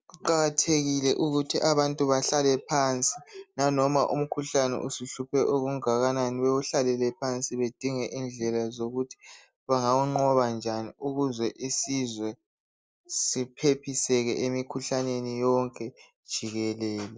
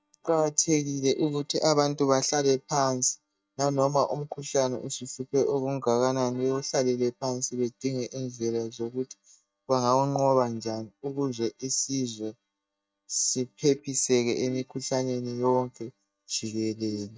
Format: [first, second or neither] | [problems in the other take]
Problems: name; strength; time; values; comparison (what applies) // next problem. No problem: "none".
first | noise reduction (neural mask model DeepFilterNet 3)